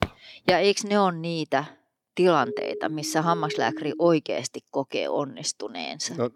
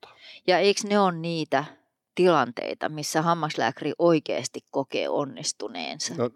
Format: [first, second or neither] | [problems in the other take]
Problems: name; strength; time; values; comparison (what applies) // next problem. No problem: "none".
second | footsteps; noticeable; at the start; peak 6 dB below the speech // siren; noticeable; from 2.5 to 4 s; peak 8 dB below the speech